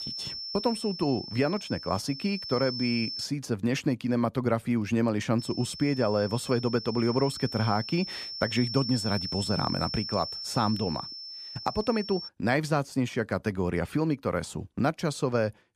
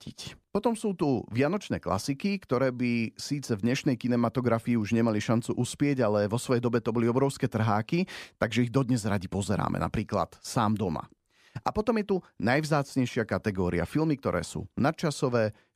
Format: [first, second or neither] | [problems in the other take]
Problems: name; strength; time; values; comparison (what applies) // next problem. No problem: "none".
second | high-pitched whine; loud; until 3.5 s and from 5.5 to 12 s; 5.5 kHz, 7 dB below the speech